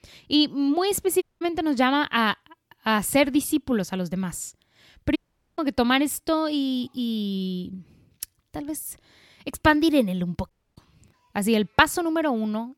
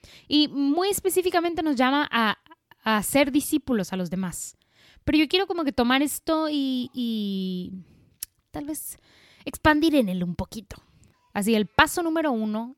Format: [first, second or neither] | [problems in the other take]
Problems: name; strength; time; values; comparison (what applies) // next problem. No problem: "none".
second | audio cutting out; at 1 s, at 5 s and at 11 s